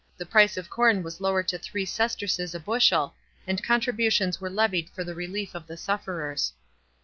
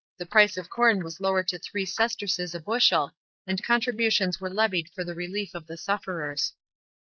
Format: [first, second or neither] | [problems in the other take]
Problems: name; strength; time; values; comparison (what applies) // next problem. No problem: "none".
first | noise reduction (neural mask model Resemble Enhance denoiser)